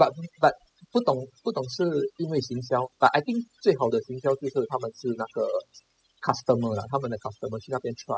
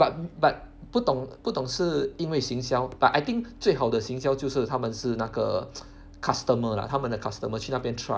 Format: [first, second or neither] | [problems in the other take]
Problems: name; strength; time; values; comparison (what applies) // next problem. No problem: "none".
second | noise reduction (classical method spectral subtraction)